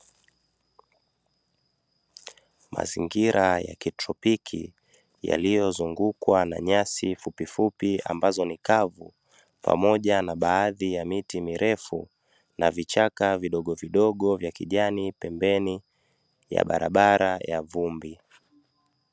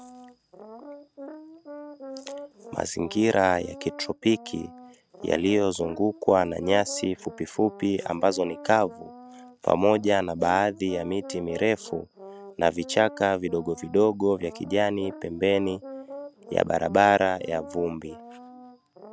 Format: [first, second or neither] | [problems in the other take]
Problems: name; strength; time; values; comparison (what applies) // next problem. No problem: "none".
first | background sound (Brass instrument); 17 dB below the speech